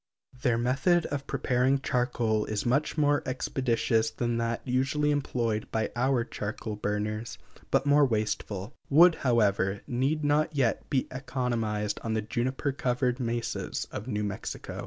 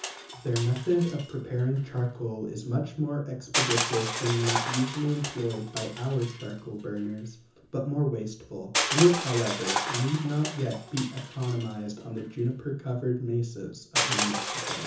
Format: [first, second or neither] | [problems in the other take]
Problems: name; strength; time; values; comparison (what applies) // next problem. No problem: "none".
first | background sound (Crushing); 5 dB below the speech // room echo; dies away in 0.6 s